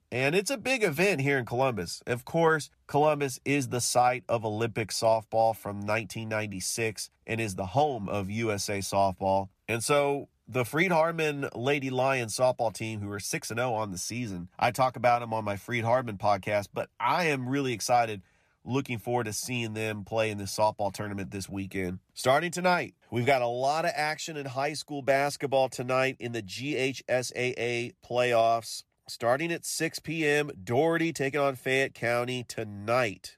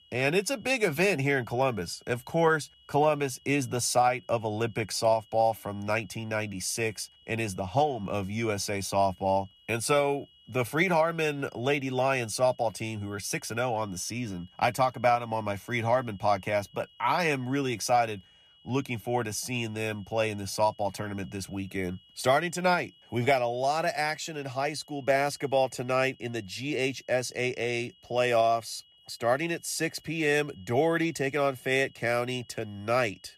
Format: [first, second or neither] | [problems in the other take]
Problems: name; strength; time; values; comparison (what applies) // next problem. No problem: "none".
first | high-pitched whine; faint; throughout; 3 kHz, 30 dB below the speech